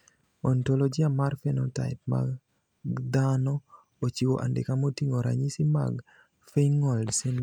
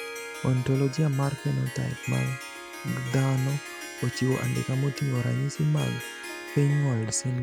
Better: first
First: none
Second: background sound (Harp); 12 dB below the speech

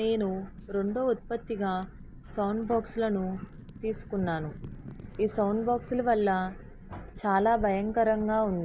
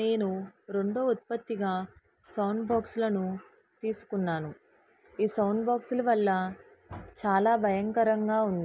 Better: second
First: background sound (Wind / Fire); 15 dB below the speech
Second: none

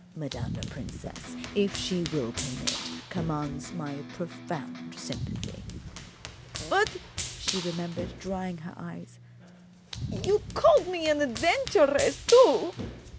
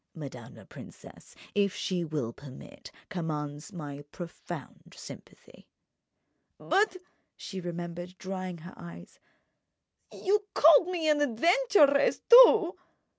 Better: second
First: background sound (Electric guitar + Run); 9 dB below the speech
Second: none

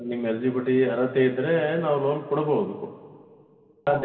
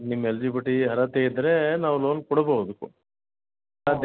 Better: second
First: room echo; dies away in 2.8 s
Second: none

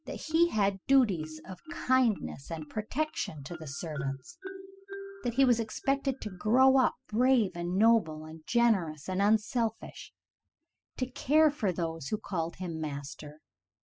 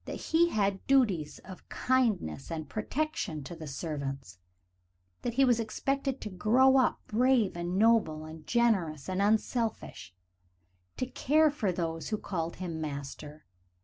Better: second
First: noise reduction (classical method spectral subtraction)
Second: none

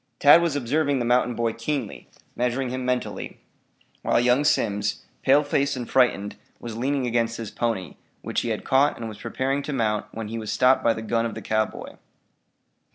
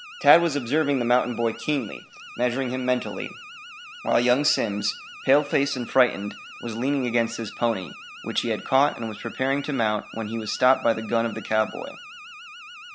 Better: first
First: none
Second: background sound (Alarm); 17 dB below the speech

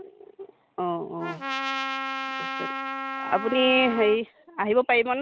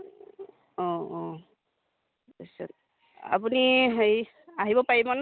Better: second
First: background sound (Trumpet); 5 dB below the speech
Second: none

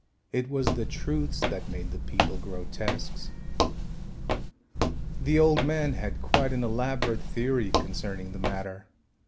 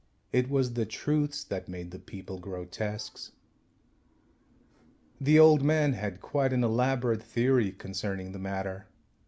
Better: second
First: background sound (Walk, footsteps); 2 dB above the speech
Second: none

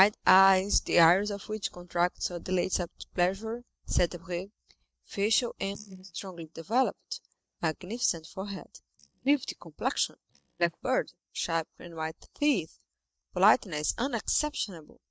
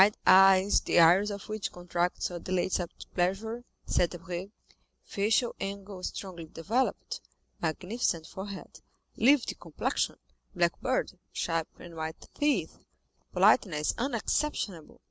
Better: second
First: noise reduction (neural mask model DeepFilterNet 3)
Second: none

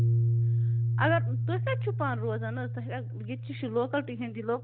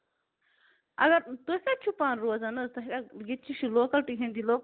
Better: second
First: background sound (Piano); 4 dB above the speech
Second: none

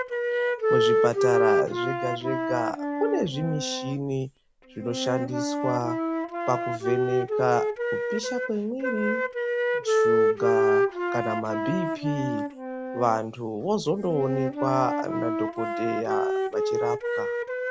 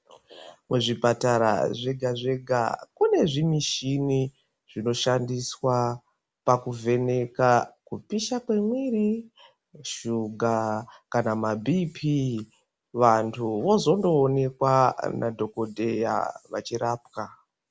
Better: second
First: background sound (Wind instrument, woodwind instrument); 3 dB above the speech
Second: none

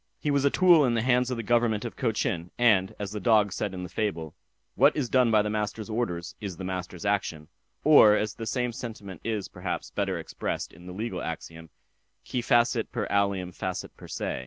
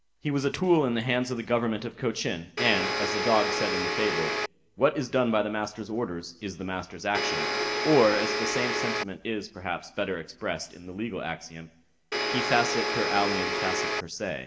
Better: first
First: none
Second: background sound (Domestic sounds, home sounds); 1 dB above the speech // room echo; dies away in 0.7 s

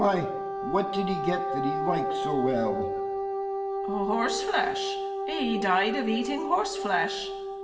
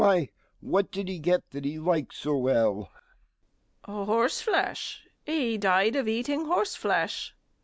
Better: second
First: background sound (Wind instrument, woodwind instrument); 2 dB below the speech // room echo; dies away in 0.9 s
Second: none

